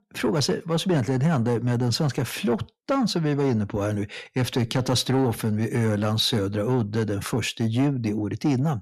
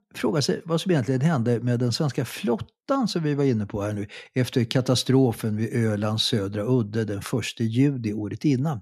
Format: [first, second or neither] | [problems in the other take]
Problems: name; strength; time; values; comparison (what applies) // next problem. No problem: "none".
second | distortion; slight; 10 dB below the speech